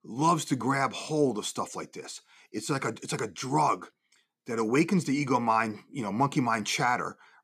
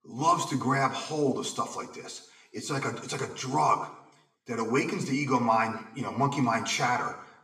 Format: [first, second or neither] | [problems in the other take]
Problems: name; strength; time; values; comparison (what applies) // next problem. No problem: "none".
first | room echo; slight; dies away in 0.7 s // off-mic speech; somewhat distant